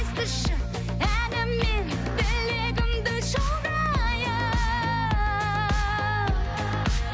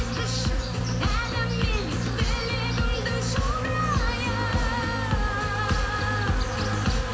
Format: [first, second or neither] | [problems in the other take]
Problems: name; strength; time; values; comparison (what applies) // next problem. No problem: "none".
first | background sound (Insect); 8 dB below the speech // room echo; dies away in 1.7 s